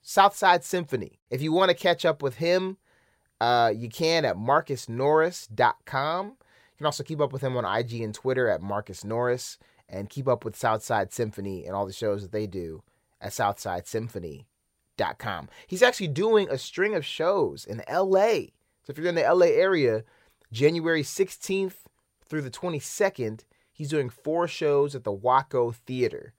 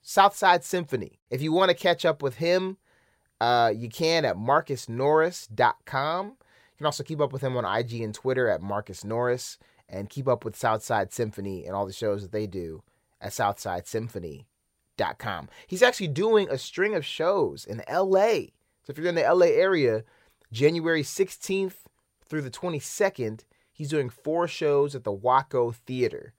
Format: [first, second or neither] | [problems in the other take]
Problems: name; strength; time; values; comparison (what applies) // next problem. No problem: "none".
neither | none